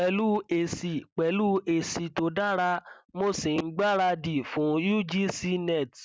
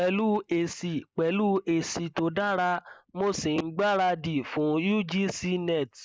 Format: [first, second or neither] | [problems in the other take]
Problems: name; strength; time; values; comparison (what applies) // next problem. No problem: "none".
first | noise reduction (neural mask model Resemble Enhance denoiser)